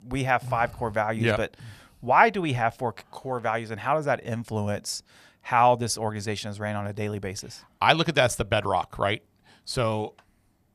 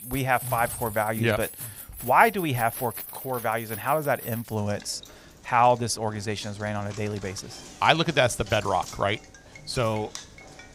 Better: first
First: none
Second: household noises; noticeable; throughout; 15 dB below the speech

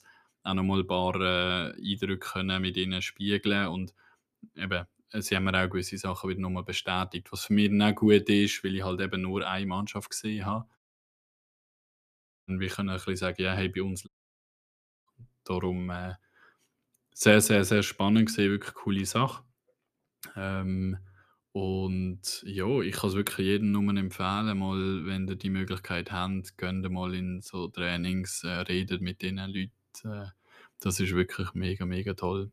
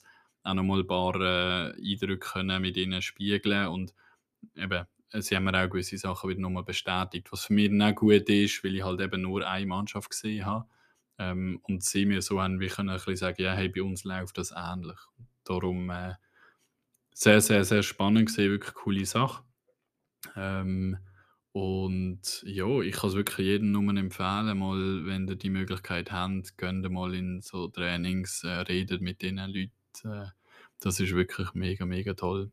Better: second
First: audio cutting out; at 11 s for 1.5 s and at 14 s for 1 s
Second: none

